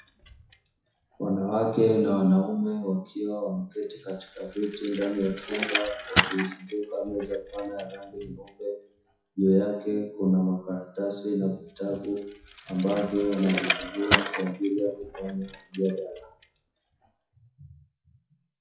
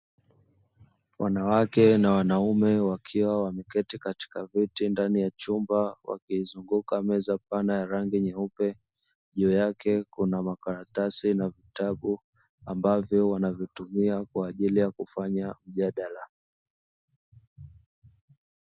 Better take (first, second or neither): second